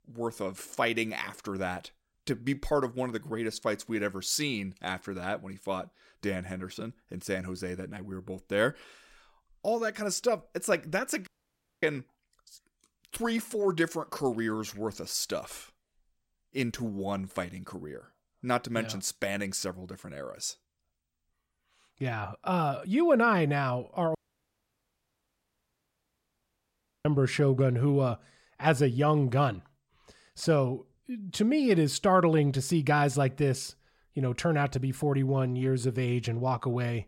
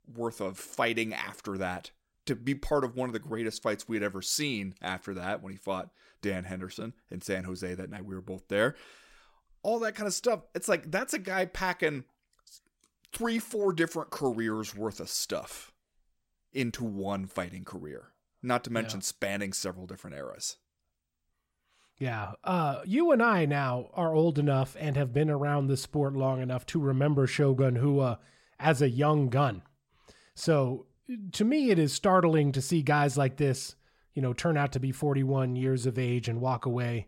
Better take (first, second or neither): second